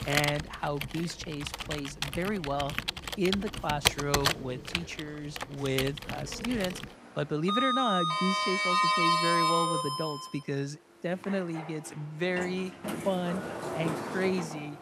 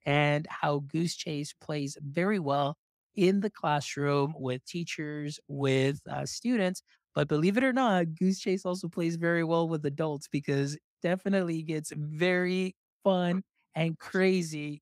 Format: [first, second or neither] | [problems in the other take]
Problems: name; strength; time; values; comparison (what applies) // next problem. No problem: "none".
second | household noises; very loud; throughout; 2 dB above the speech